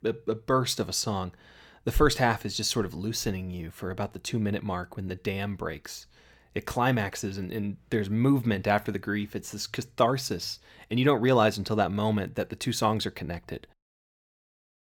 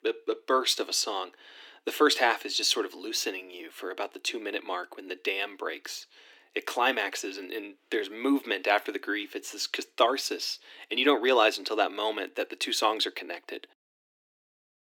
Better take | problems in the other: first | thin; somewhat; fading below 300 Hz

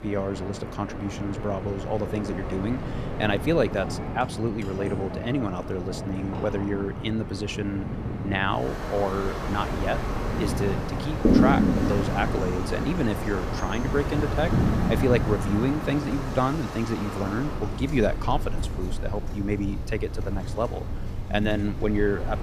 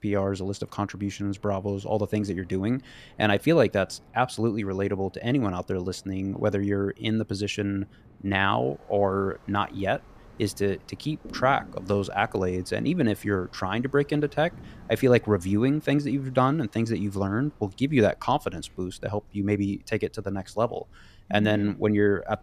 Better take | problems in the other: second | wind in the background; loud; throughout; 1 dB below the speech; faint in the second

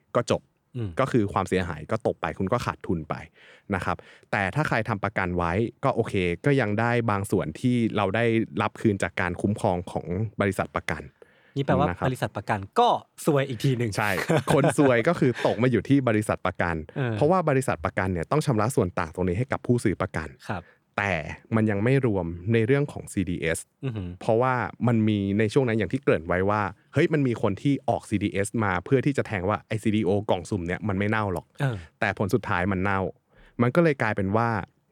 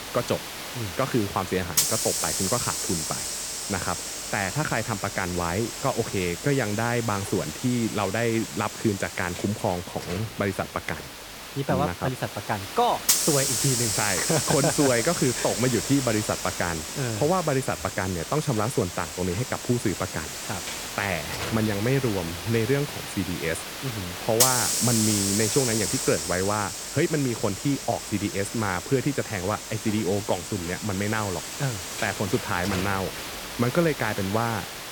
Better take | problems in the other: first | hiss; loud; throughout; 2 dB below the speech

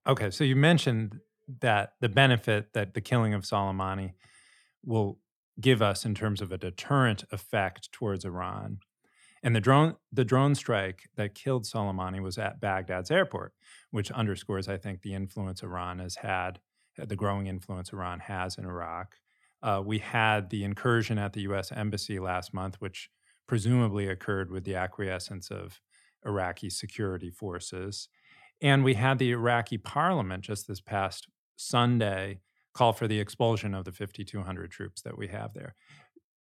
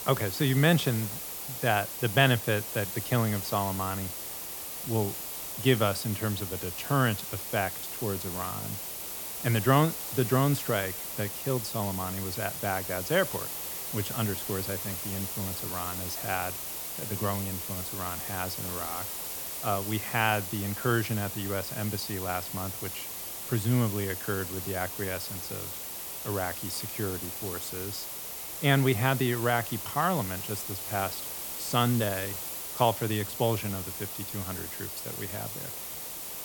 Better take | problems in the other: first | hiss; loud; throughout; 4 dB below the speech

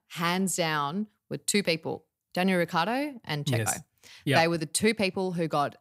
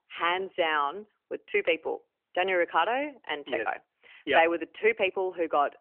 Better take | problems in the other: first | phone-call audio; nothing above 3 kHz

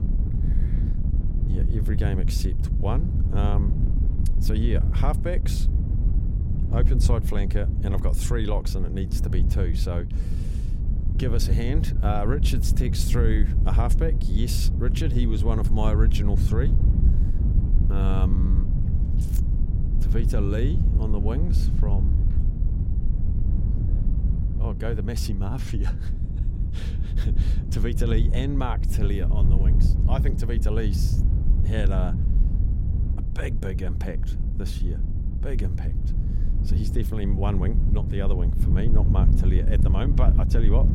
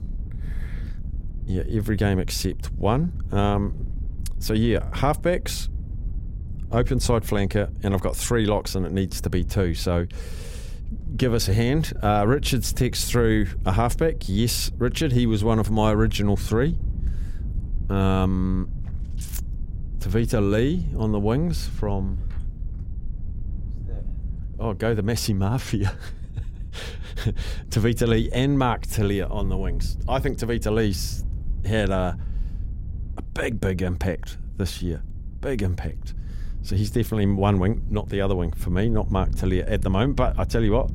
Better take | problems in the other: second | wind noise on the microphone; heavy; 5 dB below the speech; occasional gusts in the second

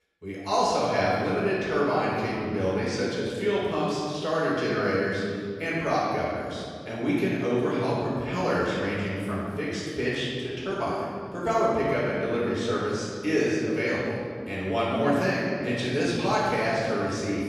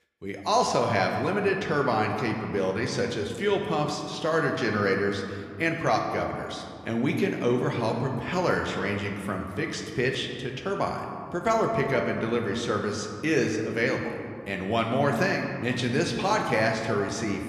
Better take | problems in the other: second | room echo; strong; dies away in 2 s; slight in the second // off-mic speech; far

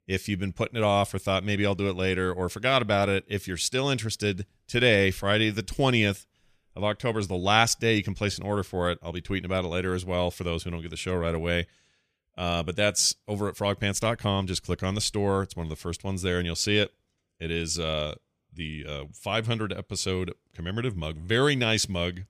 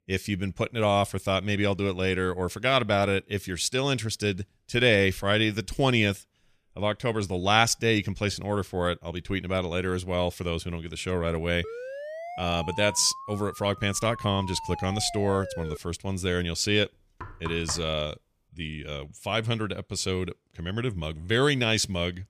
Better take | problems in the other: first | siren; faint; from 12 to 16 s; peak 10 dB below the speech // door banging; faint; at 17 s; peak 10 dB below the speech

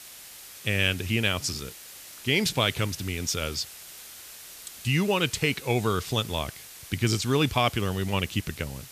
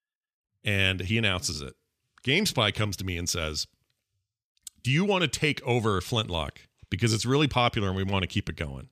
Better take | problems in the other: second | hiss; noticeable; throughout; 15 dB below the speech

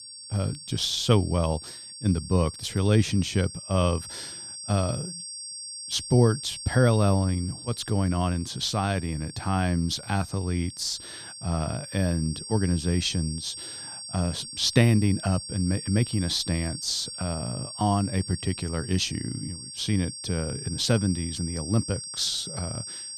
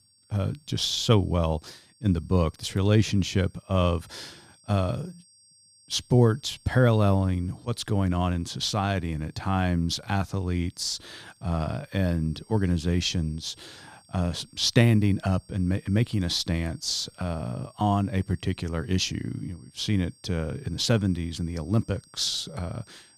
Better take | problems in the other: second | high-pitched whine; loud; throughout; 8.5 kHz, 10 dB below the speech; faint in the second

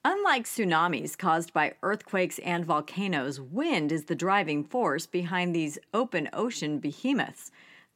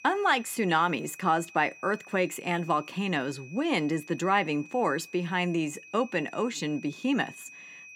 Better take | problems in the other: first | high-pitched whine; noticeable; throughout; 2.5 kHz, 20 dB below the speech

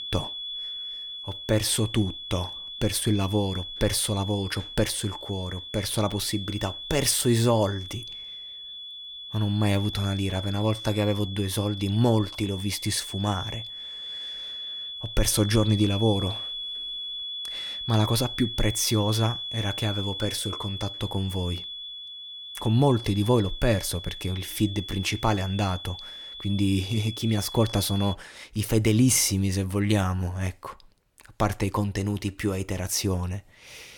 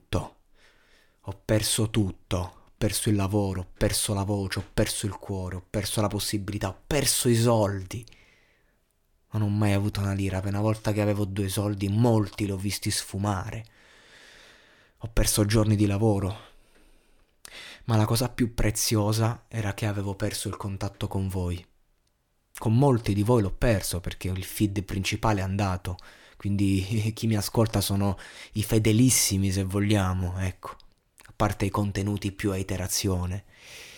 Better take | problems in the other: second | high-pitched whine; loud; until 28 s; 3.5 kHz, 8 dB below the speech

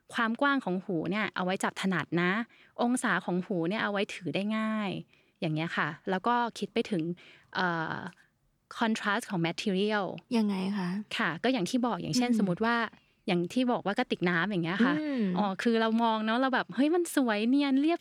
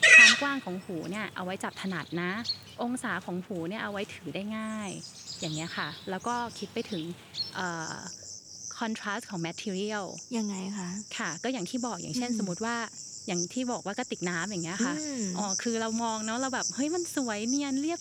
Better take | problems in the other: first | animal sounds; very loud; throughout; 4 dB above the speech

